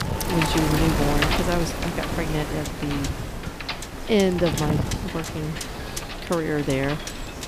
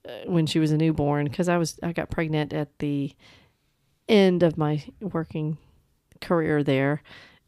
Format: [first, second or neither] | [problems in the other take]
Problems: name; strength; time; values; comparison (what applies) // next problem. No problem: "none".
second | wind noise on the microphone; heavy; 1 dB below the speech